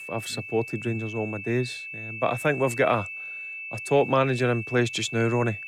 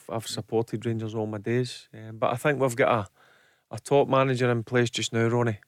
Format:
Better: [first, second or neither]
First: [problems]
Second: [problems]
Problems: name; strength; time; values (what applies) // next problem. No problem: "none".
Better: second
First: high-pitched whine; loud; throughout; 2.5 kHz, 9 dB below the speech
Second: none